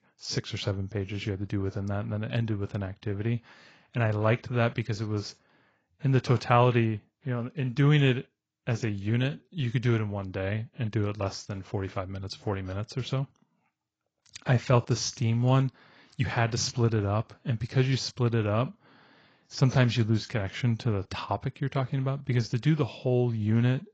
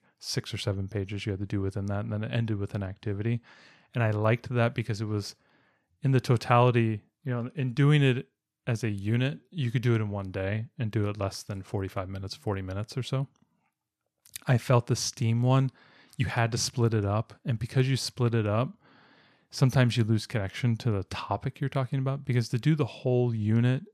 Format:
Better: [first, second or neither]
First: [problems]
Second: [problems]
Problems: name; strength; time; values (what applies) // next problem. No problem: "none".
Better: second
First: garbled, watery; badly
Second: none